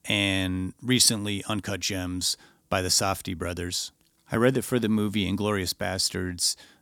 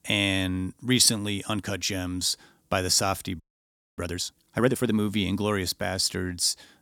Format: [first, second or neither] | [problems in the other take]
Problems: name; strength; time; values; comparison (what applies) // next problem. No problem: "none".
first | audio freezing; at 3.5 s for 0.5 s